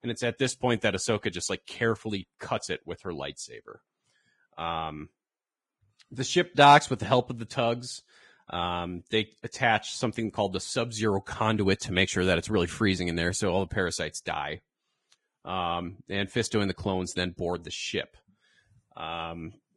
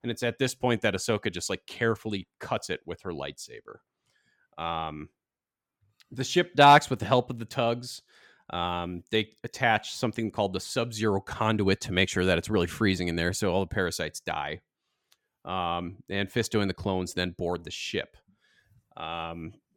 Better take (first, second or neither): second